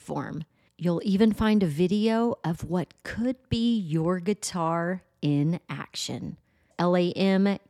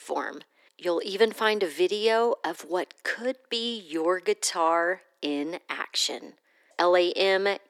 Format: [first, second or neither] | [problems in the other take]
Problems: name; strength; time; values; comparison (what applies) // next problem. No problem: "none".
first | thin; very; fading below 350 Hz